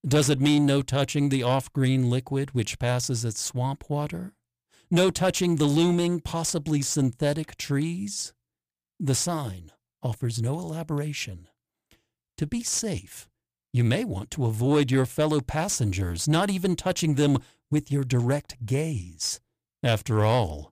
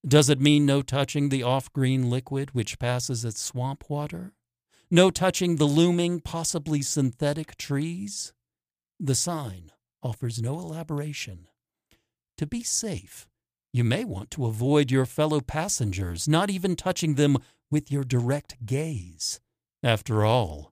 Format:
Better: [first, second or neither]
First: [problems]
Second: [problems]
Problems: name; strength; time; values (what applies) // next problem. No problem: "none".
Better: second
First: distortion; slight; 10 dB below the speech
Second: none